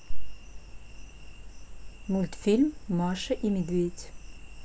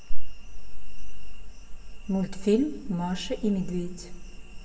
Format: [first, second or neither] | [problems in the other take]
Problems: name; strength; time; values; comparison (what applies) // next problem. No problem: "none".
first | room echo; dies away in 2.3 s